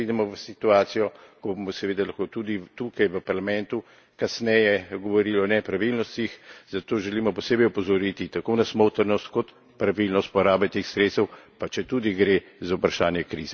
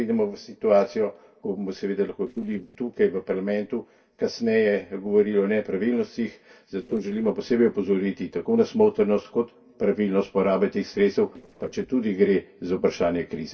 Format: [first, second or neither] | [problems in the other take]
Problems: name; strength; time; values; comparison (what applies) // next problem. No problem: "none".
first | noise reduction (neural separator model SepFormer DNS4)